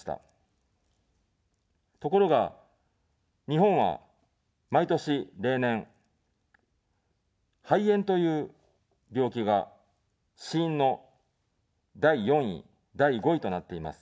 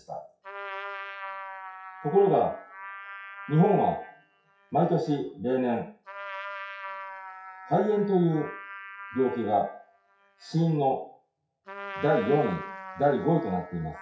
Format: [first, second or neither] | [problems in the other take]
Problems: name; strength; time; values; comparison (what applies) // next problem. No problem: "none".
first | noise reduction (classical method WPE with log-MMSE)